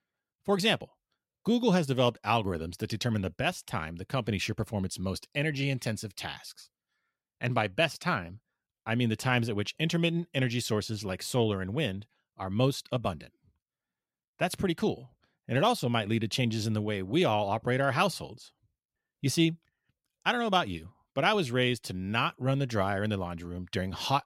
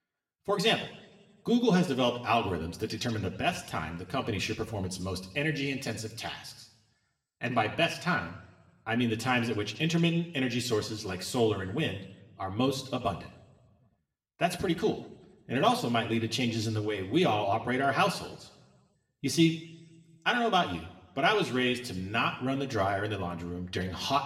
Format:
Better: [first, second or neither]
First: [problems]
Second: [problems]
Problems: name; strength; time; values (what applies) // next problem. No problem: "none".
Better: first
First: none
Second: room echo; very slight; dies away in 0.7 s